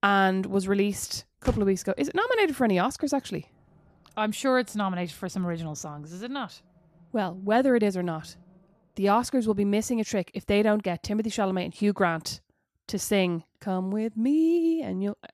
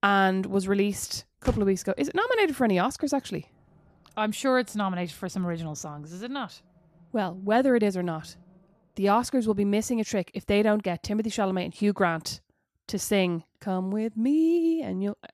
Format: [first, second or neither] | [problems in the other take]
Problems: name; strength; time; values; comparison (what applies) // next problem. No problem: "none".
neither | traffic noise; noticeable; until 9 s; 15 dB below the speech; the same in both